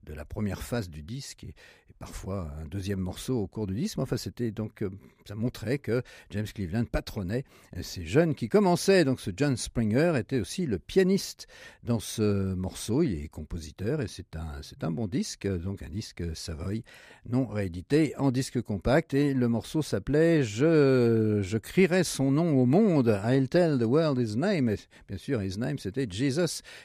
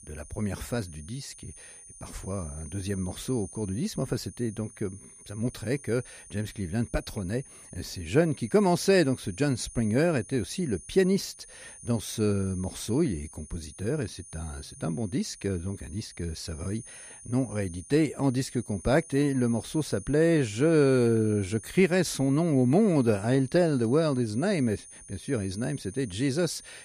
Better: first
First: none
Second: high-pitched whine; noticeable; throughout; 9.5 kHz, 20 dB below the speech

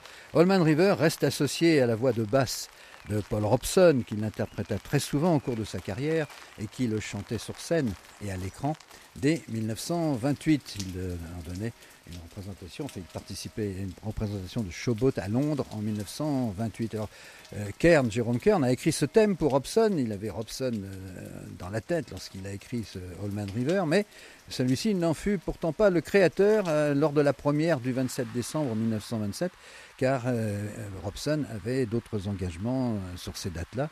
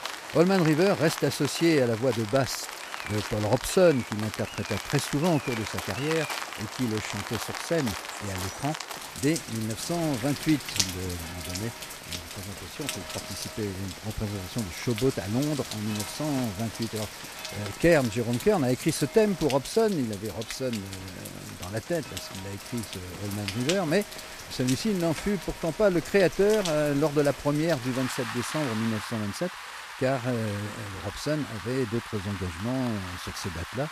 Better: first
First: rain or running water; faint; throughout; 25 dB below the speech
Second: rain or running water; loud; throughout; 8 dB below the speech

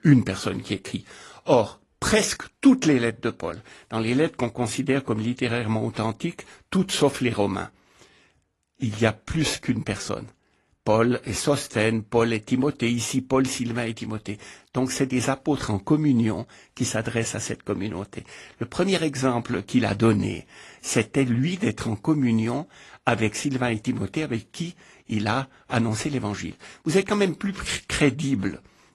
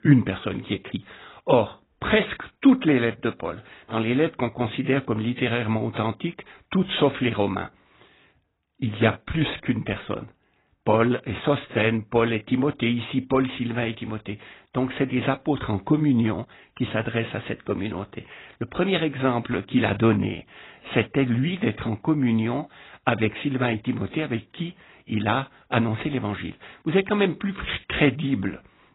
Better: first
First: garbled, watery; slightly; nothing above 11.5 kHz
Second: garbled, watery; badly; nothing above 4 kHz

